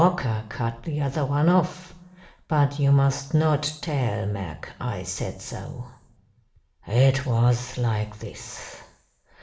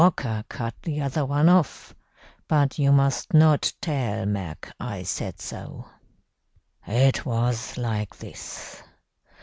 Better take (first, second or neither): second